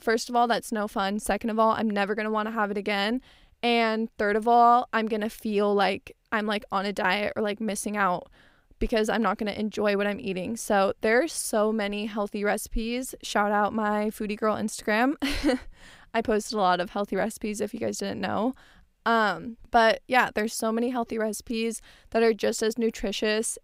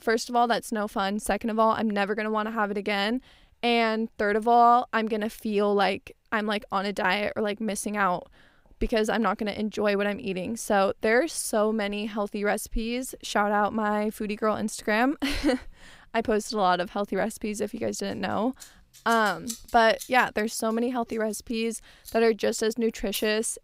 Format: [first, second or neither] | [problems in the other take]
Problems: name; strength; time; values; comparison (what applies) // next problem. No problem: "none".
first | household noises; noticeable; throughout; 15 dB below the speech